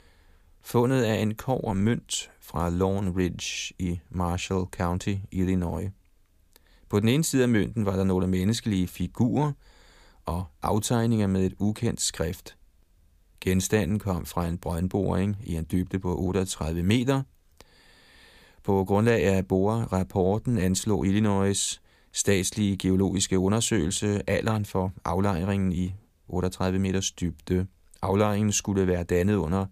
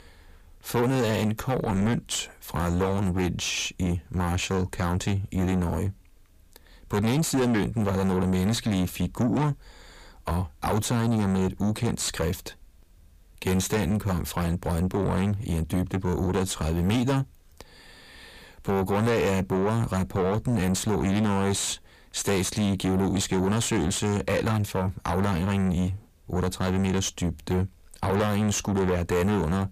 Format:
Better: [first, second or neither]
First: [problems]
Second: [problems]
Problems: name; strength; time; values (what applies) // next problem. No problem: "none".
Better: first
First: none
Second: distortion; heavy; 7 dB below the speech